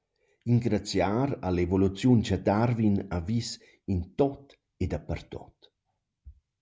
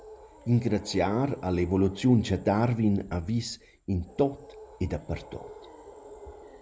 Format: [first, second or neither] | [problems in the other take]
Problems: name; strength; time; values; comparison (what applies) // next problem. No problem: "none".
first | background sound (Animal); 20 dB below the speech